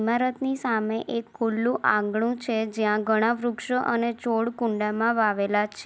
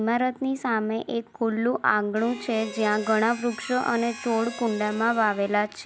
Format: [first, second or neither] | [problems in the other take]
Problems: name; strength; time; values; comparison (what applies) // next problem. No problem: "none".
first | background sound (Harmonica); 15 dB below the speech